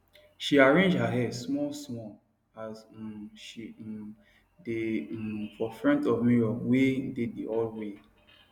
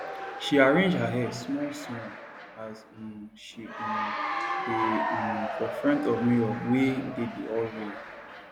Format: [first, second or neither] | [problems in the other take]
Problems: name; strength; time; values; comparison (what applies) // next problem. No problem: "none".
first | background sound (Applause / Cheering); 6 dB below the speech